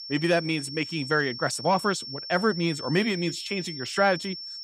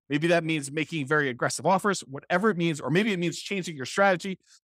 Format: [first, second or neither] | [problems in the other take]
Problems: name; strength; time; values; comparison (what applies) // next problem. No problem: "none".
second | high-pitched whine; loud; throughout; 5.5 kHz, 9 dB below the speech